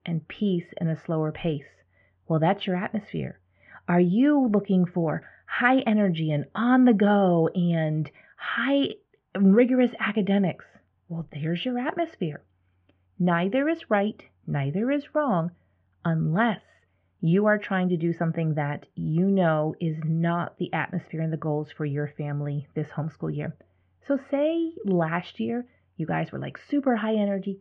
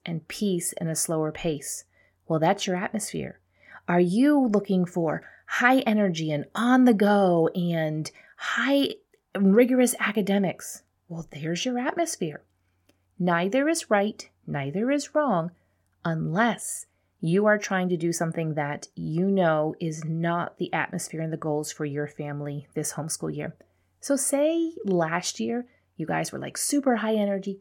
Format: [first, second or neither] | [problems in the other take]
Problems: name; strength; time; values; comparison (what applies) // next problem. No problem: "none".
second | muffled; very; fading above 3 kHz